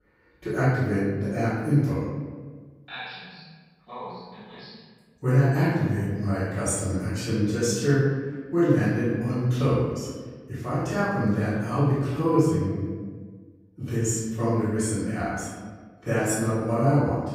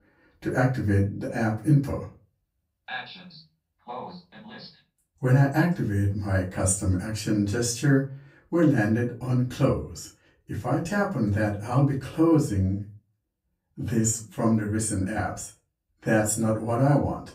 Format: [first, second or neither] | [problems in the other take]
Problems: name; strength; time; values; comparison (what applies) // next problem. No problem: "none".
second | room echo; strong; dies away in 1.4 s; slight in the second // off-mic speech; far; far in the second